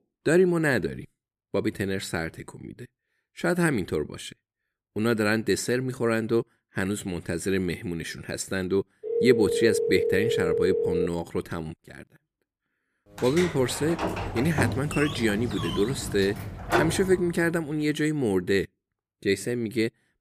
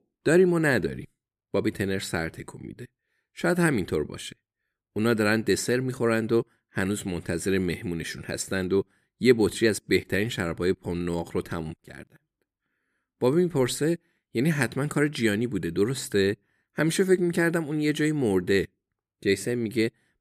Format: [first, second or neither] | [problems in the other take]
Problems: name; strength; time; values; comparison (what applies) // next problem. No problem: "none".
second | phone ringing; loud; from 9 to 11 s; peak 1 dB above the speech // door banging; loud; from 13 to 17 s; peak 1 dB above the speech